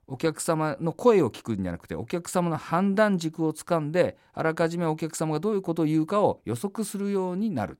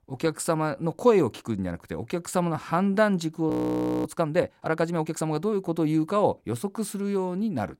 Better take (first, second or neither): first